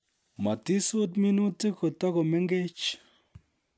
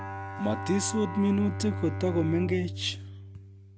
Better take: first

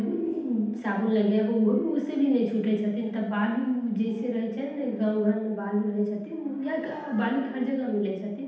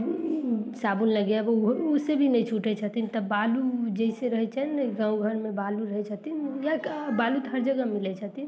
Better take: second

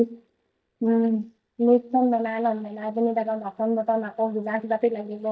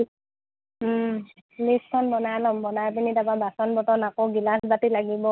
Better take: second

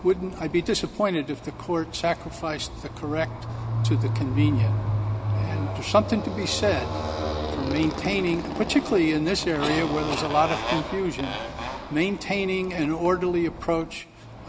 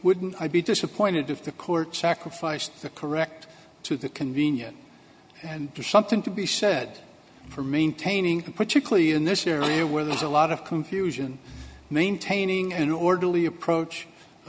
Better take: second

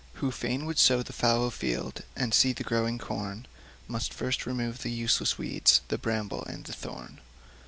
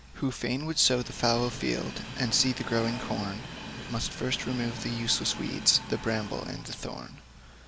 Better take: first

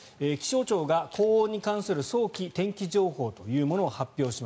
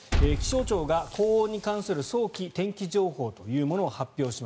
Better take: first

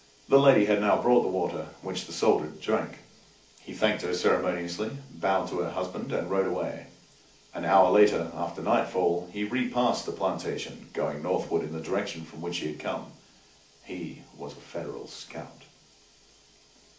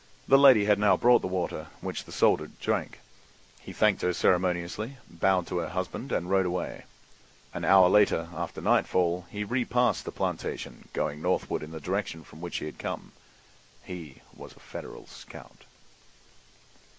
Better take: second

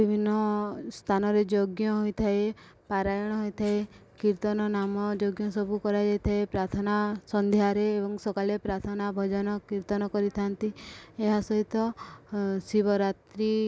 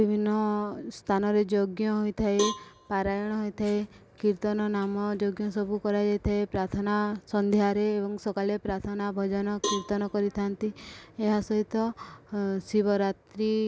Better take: first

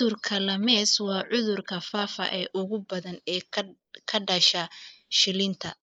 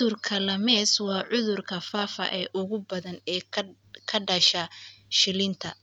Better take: second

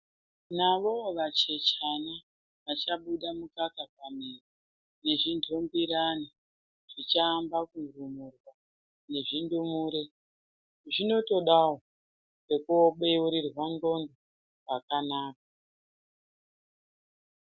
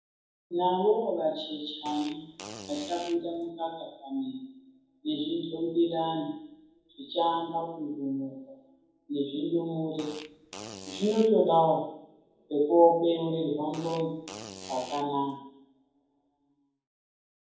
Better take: first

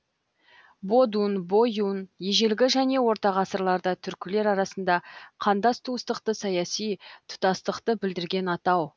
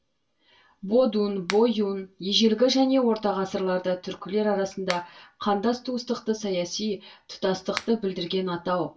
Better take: first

